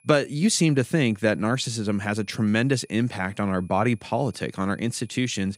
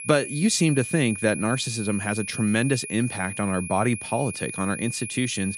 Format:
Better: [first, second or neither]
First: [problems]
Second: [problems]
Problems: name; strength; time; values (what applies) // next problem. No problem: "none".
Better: first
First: high-pitched whine; faint; throughout; 2.5 kHz, 35 dB below the speech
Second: high-pitched whine; loud; throughout; 2.5 kHz, 8 dB below the speech